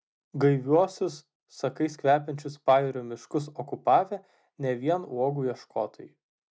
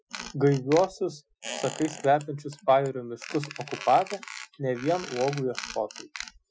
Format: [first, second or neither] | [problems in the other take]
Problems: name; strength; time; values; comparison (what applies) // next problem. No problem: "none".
first | noise reduction (classical method Wiener filter)